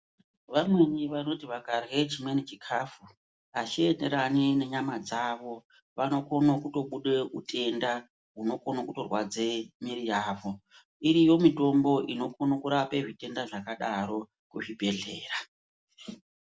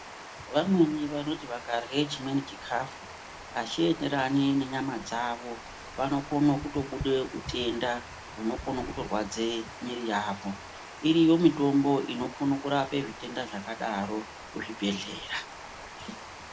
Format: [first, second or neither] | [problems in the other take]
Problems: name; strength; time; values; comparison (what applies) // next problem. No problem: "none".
first | background sound (Water); 14 dB below the speech